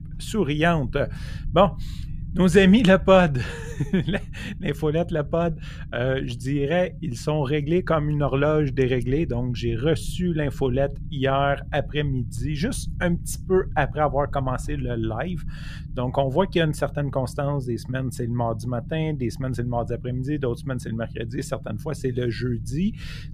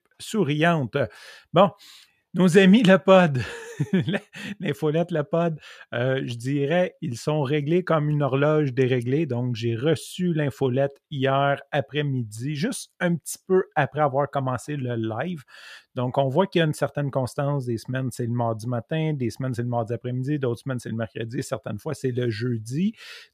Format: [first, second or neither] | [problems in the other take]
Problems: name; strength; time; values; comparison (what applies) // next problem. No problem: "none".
second | low rumble; faint; throughout; 25 dB below the speech